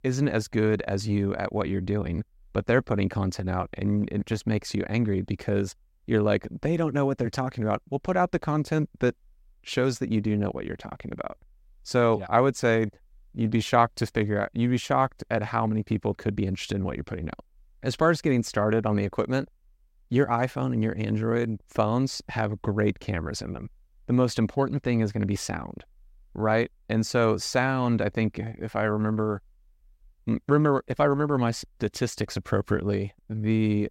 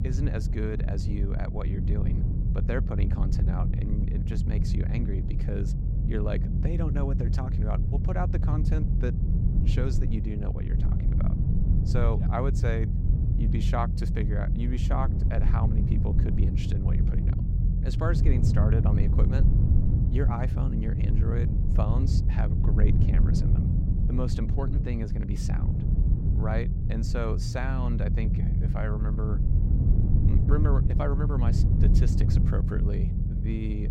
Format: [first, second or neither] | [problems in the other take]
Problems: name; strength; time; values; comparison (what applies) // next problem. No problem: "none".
first | low rumble; loud; throughout; 2 dB below the speech